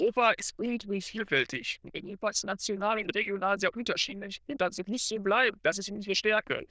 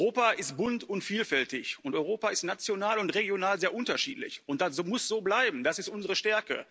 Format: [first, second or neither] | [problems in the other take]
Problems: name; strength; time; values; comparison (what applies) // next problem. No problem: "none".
second | noise reduction (neural diffusion model UNIVERSE++)